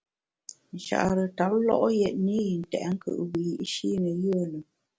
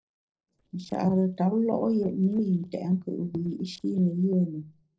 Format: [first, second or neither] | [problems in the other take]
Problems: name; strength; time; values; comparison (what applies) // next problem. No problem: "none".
first | noise reduction (neural separator model SepFormer DNS4)